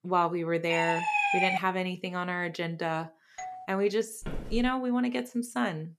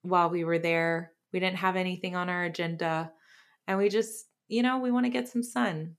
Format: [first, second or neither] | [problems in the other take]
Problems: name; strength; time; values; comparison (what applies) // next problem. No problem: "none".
second | siren; loud; at 0.5 s; peak 5 dB above the speech // doorbell; faint; at 3.5 s; peak 10 dB below the speech // footsteps; noticeable; at 4 s; peak 10 dB below the speech